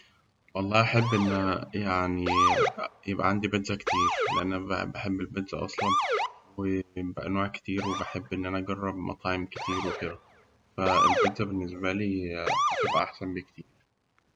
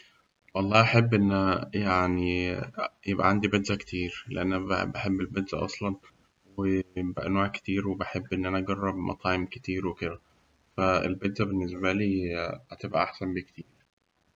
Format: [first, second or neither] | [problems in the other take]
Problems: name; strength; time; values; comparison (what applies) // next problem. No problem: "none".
second | background sound (Motor vehicle (road) / Siren); 1 dB below the speech